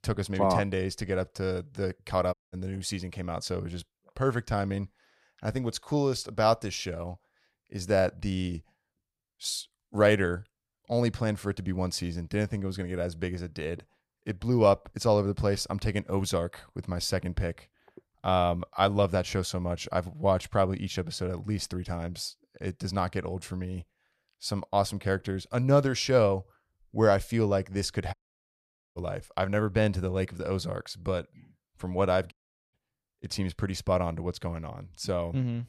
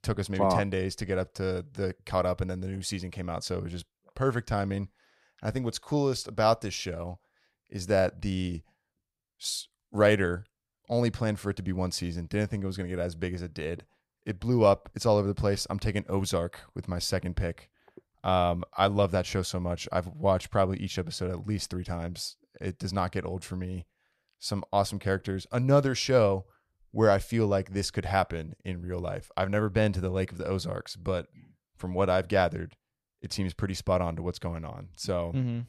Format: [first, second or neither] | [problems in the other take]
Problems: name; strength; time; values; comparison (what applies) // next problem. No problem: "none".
second | audio cutting out; at 2.5 s, at 28 s for 1 s and at 32 s